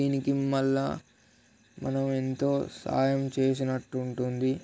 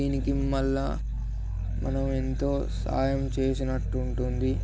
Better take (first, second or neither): first